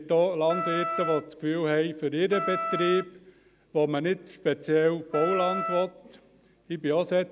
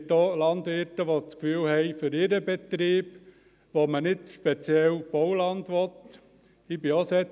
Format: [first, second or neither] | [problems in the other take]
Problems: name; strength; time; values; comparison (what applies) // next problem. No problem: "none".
second | background sound (Wind instrument, woodwind instrument); 5 dB below the speech